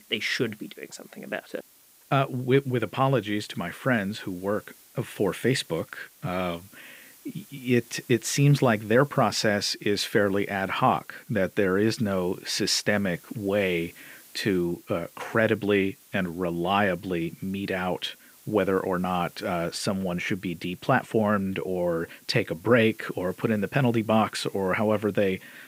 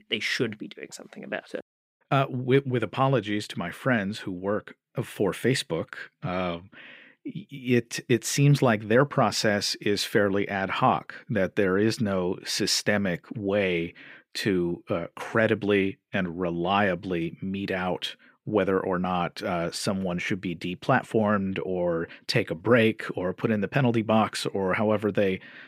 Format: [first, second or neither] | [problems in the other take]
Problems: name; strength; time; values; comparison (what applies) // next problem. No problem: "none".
second | hiss; faint; throughout; 25 dB below the speech